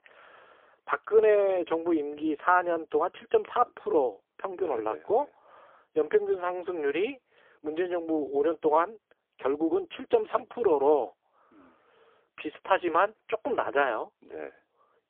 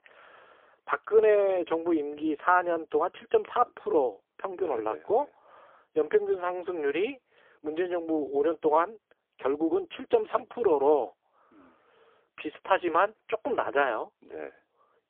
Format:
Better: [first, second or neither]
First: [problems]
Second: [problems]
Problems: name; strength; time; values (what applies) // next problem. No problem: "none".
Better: neither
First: phone-call audio; poor line; nothing above 3.5 kHz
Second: phone-call audio; poor line; nothing above 3.5 kHz